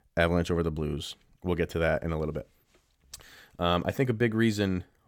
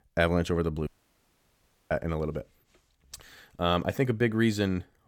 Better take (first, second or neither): first